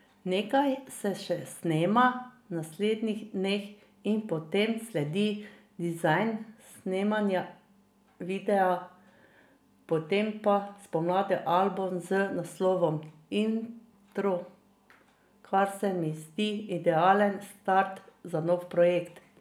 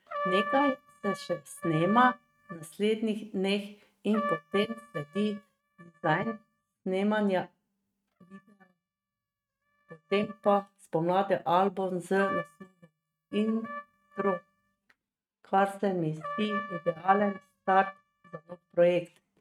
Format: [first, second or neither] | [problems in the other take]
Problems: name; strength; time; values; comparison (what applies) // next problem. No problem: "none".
first | noise reduction (neural mask model RNNoise)